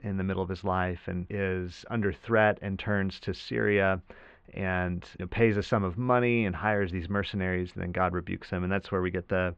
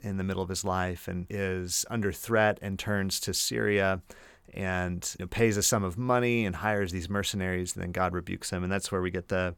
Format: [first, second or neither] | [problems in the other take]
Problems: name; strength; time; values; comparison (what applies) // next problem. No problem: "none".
second | muffled; very; fading above 3 kHz